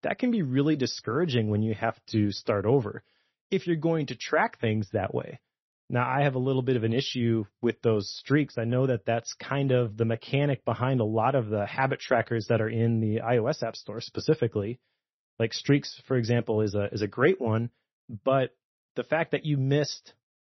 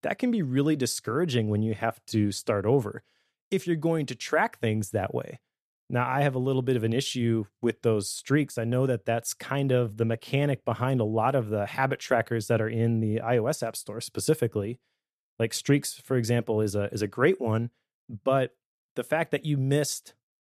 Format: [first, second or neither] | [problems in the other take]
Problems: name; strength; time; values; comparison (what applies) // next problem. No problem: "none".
second | garbled, watery; slightly; nothing above 6 kHz